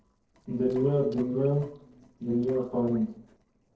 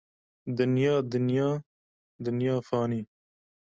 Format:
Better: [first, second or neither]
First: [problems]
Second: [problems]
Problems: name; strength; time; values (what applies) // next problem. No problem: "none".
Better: second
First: noise reduction (neural separator model SepFormer DNS4)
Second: none